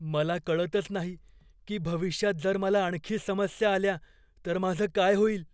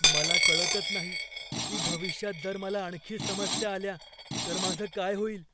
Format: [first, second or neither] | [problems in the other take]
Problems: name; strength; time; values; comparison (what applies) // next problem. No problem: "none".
first | background sound (Coin (dropping) + Screech); 4 dB above the speech